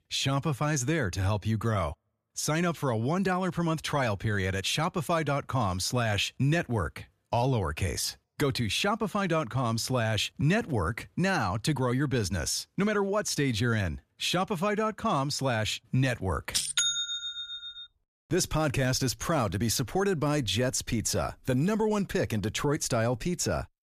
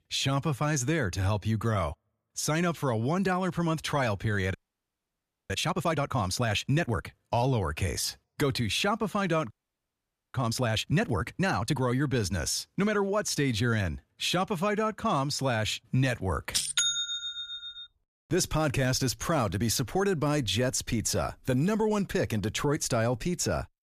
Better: first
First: none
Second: audio freezing; at 4.5 s for 1 s and at 9.5 s for 1 s

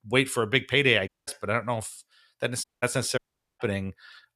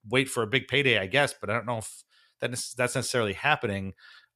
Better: second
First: audio cutting out; at 1 s, at 2.5 s and at 3 s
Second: none

